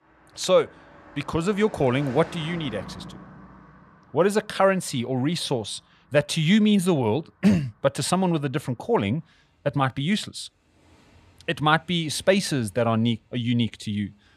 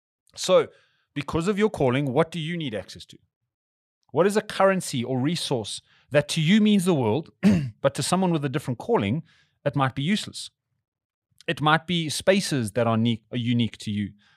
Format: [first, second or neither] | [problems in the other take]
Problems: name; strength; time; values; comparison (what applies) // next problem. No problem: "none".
second | traffic noise; faint; throughout; 20 dB below the speech